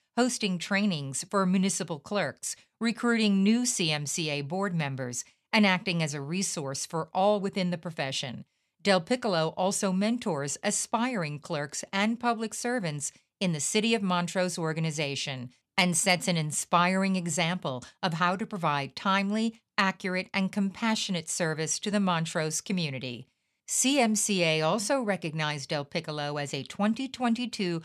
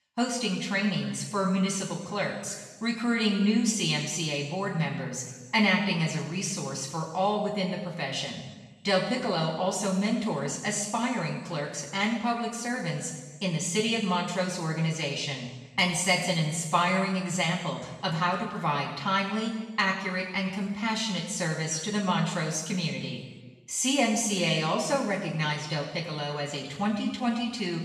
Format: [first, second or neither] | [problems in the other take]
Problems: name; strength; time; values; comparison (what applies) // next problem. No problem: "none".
first | room echo; noticeable; dies away in 1.1 s // off-mic speech; far